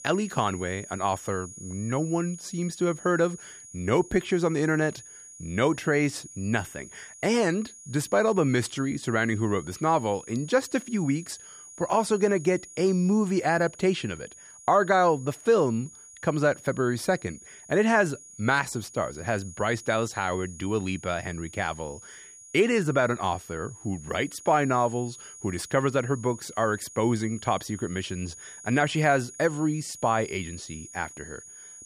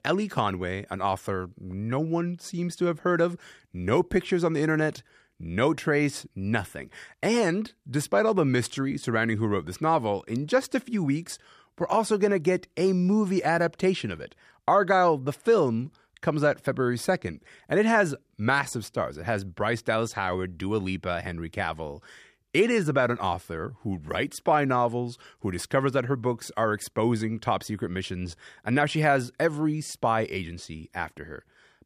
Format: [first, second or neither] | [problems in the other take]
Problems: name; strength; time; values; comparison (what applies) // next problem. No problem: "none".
second | high-pitched whine; noticeable; throughout; 6.5 kHz, 15 dB below the speech